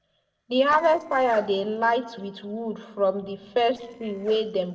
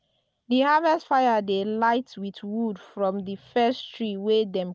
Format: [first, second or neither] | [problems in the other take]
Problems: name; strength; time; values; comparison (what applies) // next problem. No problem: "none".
second | noise reduction (neural separator model SepFormer DNS4)